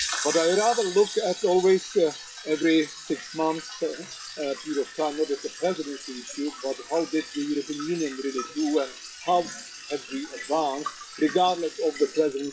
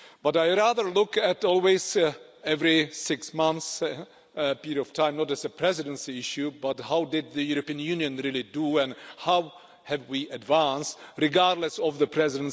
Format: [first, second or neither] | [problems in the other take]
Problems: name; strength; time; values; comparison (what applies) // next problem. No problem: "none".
second | noise reduction (classical method WPE with log-MMSE)